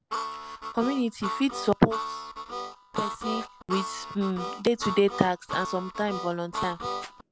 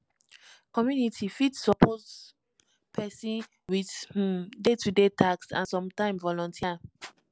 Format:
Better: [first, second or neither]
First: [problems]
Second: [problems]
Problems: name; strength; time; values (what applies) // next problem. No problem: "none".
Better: second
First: background sound (Harmonica); 6 dB below the speech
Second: none